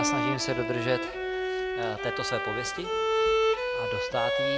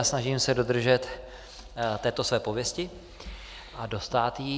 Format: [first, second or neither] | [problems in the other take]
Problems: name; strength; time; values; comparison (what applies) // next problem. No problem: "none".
second | background sound (Bowed string instrument); 5 dB above the speech